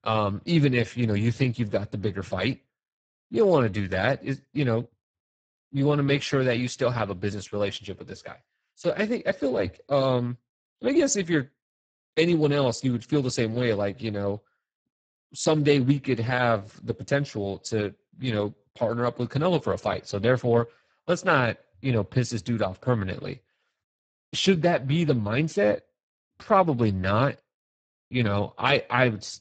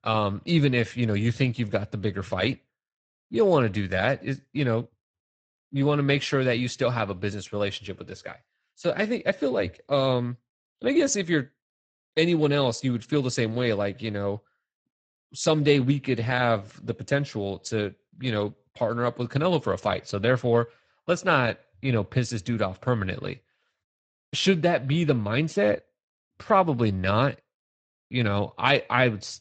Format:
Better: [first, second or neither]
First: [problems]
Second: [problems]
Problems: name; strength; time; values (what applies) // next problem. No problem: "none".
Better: second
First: garbled, watery; badly; nothing above 7.5 kHz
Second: garbled, watery; slightly; nothing above 7.5 kHz